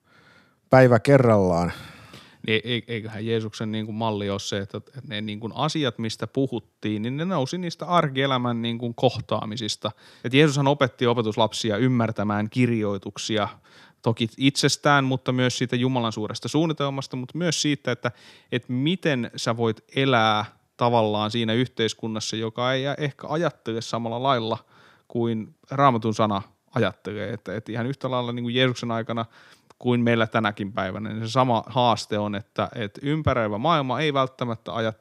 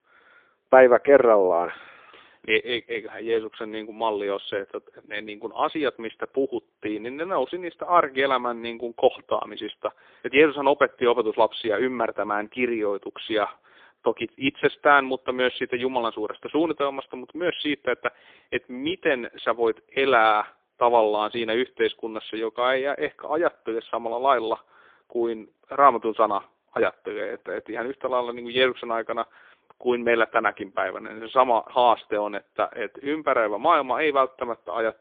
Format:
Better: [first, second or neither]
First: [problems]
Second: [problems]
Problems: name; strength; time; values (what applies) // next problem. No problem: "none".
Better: first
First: none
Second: phone-call audio; poor line; nothing above 3.5 kHz